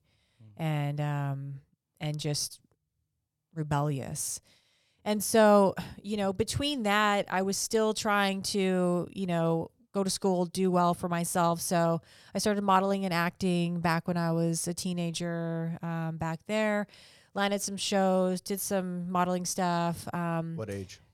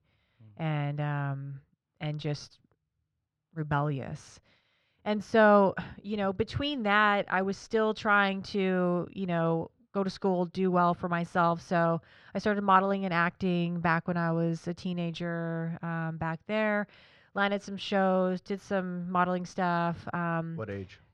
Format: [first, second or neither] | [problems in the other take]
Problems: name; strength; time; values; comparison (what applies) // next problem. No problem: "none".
first | muffled; slightly; fading above 3.5 kHz